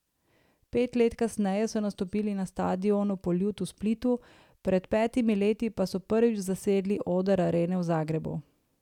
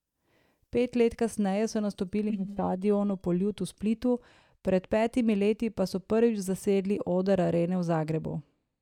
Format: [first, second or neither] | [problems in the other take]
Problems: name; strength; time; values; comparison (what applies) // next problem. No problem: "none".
first | noise reduction (neural mask model DeepFilterNet 3)